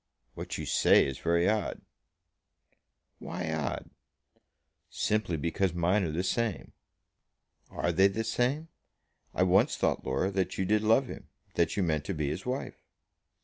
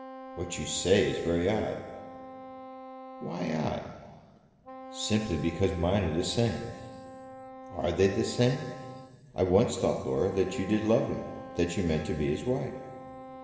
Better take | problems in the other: first | background sound (Wind instrument, woodwind instrument); 14 dB below the speech // room echo; dies away in 2.1 s

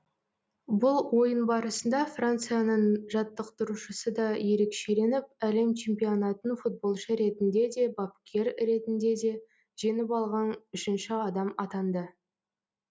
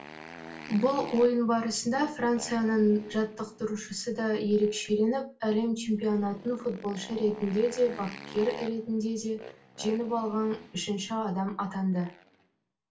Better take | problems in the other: first | background sound (Motorcycle); 18 dB below the speech // room echo; dies away in 0.2 s

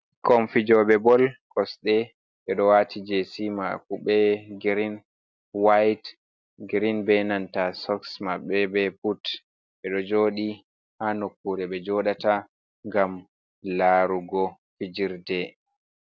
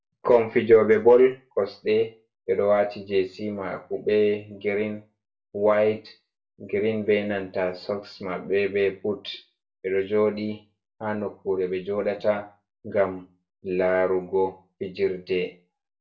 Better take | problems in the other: first | room echo; dies away in 0.3 s

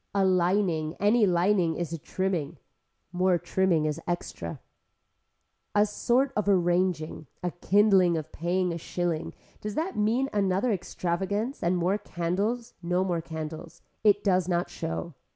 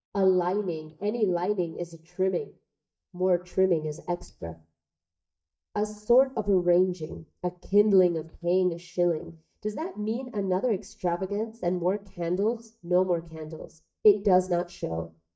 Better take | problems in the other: first | noise reduction (neural mask model DeepFilterNet 3)

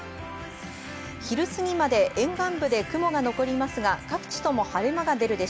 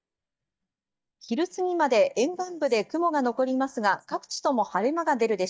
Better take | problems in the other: first | noise reduction (neural mask model DeepFilterNet 3)

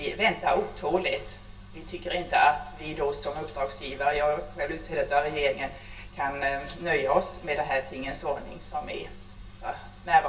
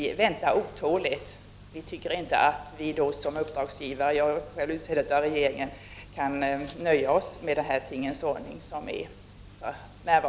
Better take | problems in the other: second | room echo; dies away in 0.2 s

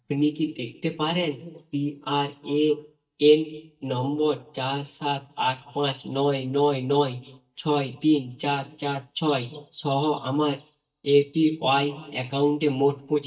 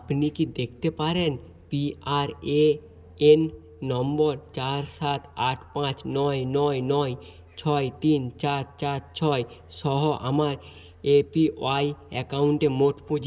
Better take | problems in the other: second | noise reduction (neural mask model DeepFilterNet 3)

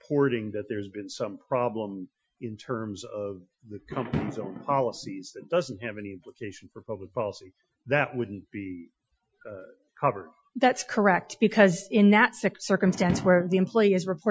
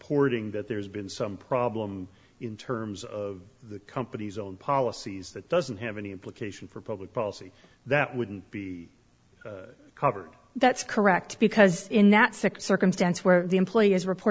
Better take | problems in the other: second | noise reduction (classical method Wiener filter)

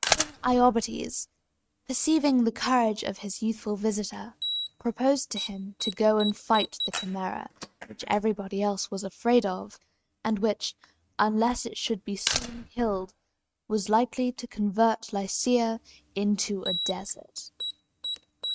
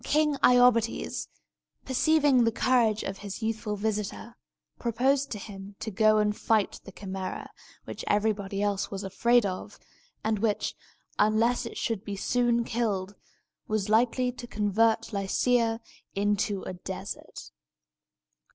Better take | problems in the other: second | noise reduction (neural mask model RNNoise)

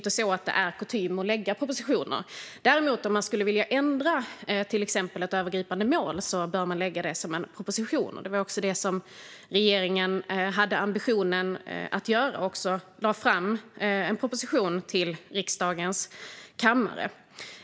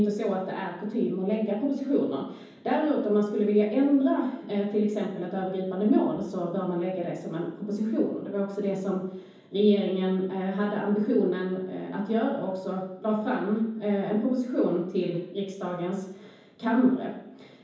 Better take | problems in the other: first | room echo; dies away in 0.9 s

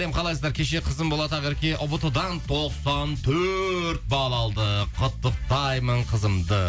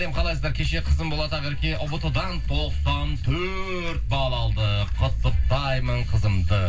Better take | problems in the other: first | background sound (Clock); 5 dB below the speech // room echo; dies away in 0.4 s

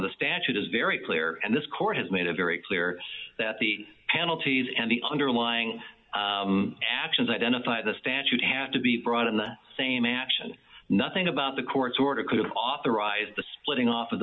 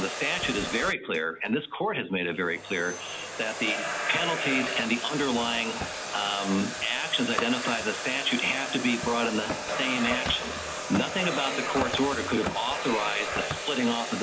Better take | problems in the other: first | background sound (Domestic sounds, home sounds); 4 dB below the speech

